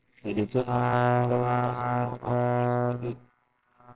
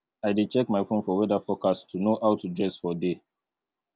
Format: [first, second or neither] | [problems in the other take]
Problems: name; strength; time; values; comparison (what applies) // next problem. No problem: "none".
second | noise reduction (neural separator model SepFormer WHAMR!)